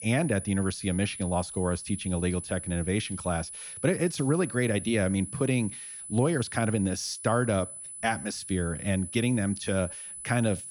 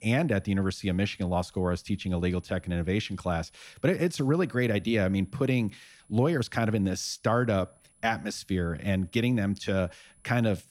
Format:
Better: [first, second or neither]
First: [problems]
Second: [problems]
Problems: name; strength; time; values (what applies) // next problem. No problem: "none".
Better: second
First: high-pitched whine; loud; throughout; 10 kHz, 9 dB below the speech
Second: high-pitched whine; faint; throughout; 10 kHz, 35 dB below the speech